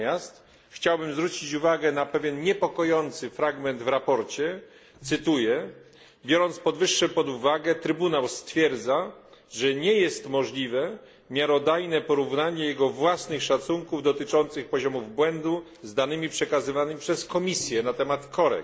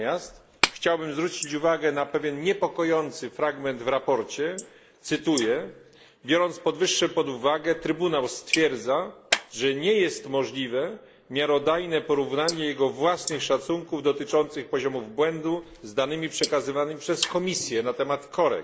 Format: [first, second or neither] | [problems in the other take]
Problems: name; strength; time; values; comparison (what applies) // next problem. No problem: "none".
first | noise reduction (neural mask model Resemble Enhance denoiser)